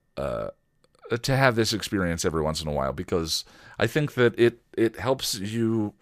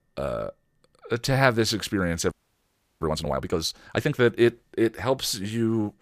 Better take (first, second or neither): first